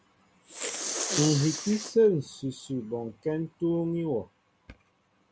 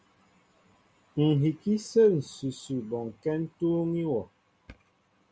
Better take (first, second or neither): second